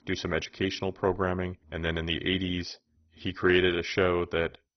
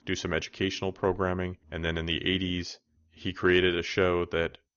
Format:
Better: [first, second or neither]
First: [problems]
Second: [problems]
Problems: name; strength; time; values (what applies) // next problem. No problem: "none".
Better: second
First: garbled, watery; badly; nothing above 6 kHz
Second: garbled, watery; slightly; nothing above 6.5 kHz